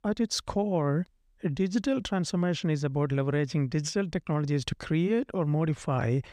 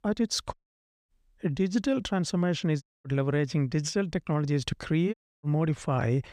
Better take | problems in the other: first | audio cutting out; at 0.5 s for 0.5 s, at 3 s and at 5 s

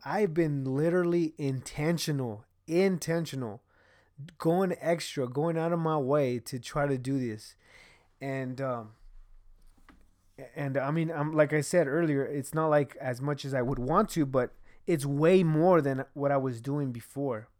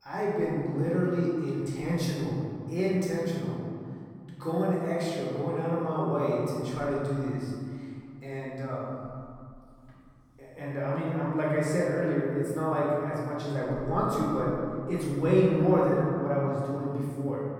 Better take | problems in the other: first | off-mic speech; far // room echo; strong; dies away in 2.3 s

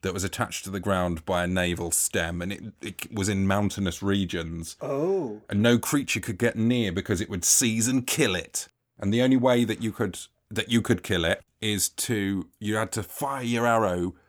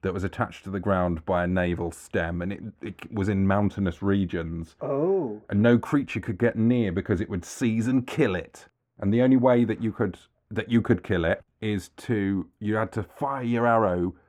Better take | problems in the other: first | muffled; very; fading above 3 kHz

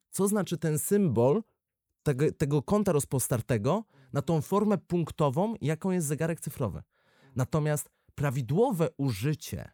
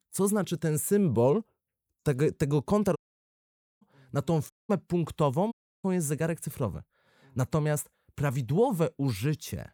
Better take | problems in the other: first | audio cutting out; at 3 s for 1 s, at 4.5 s and at 5.5 s

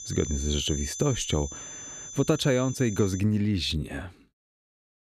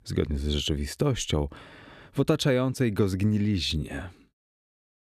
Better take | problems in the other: second | high-pitched whine; loud; until 3 s; 6 kHz, 9 dB below the speech

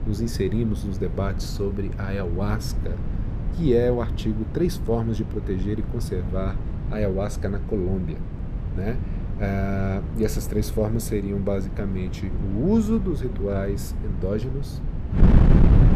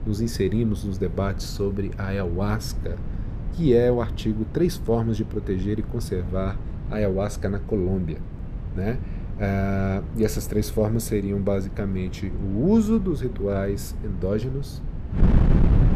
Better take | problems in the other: second | wind noise on the microphone; heavy; 8 dB below the speech; occasional gusts in the second

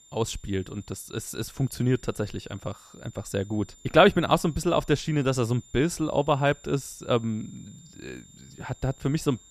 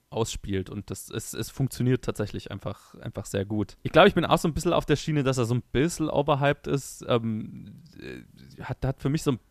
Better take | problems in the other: second | high-pitched whine; faint; throughout; 7 kHz, 25 dB below the speech

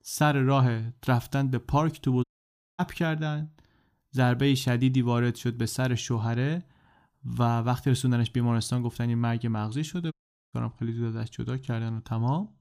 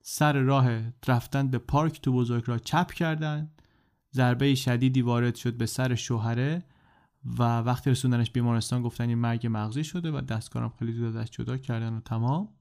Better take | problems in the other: second | audio cutting out; at 2 s for 0.5 s and at 10 s

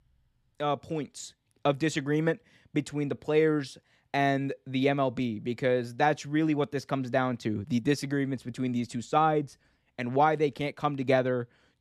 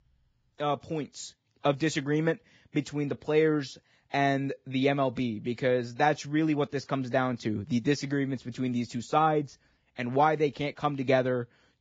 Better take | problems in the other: first | garbled, watery; badly; nothing above 7.5 kHz

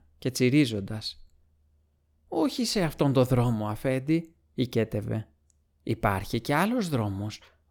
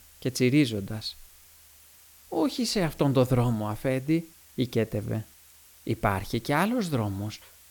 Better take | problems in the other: first | hiss; faint; throughout; 25 dB below the speech

